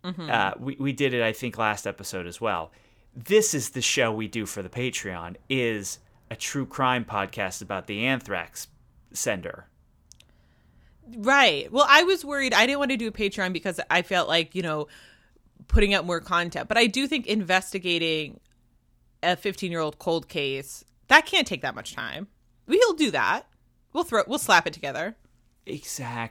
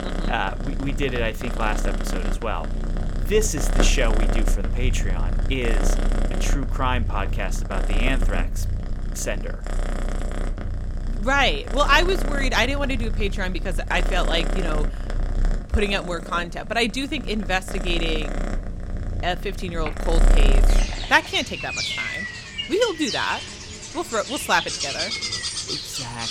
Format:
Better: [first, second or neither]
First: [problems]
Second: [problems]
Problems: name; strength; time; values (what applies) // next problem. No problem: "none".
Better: first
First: none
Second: animal sounds; loud; throughout; 2 dB below the speech